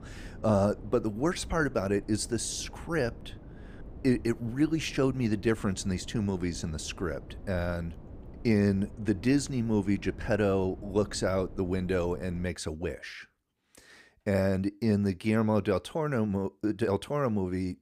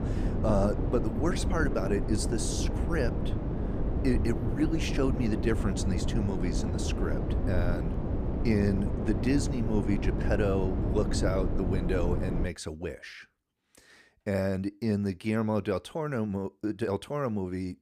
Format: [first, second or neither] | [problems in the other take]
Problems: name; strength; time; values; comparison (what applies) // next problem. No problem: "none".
first | wind noise on the microphone; heavy; until 12 s; 5 dB below the speech; occasional gusts in the first